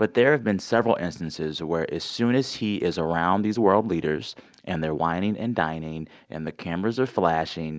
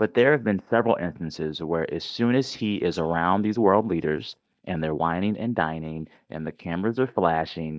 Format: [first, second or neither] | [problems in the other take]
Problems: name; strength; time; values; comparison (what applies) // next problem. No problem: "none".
first | noise reduction (neural mask model DeepFilterNet 3)